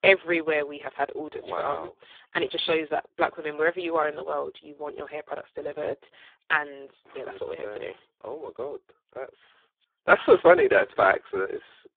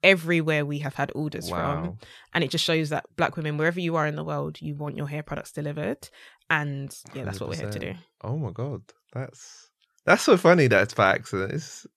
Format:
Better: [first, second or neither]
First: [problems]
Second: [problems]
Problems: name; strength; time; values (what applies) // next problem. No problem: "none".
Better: second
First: phone-call audio; poor line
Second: none